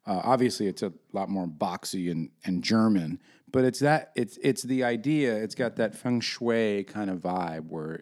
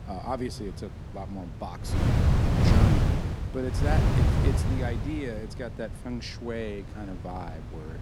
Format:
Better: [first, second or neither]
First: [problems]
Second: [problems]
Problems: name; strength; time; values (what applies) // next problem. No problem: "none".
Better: first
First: none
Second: wind noise on the microphone; heavy; 4 dB above the speech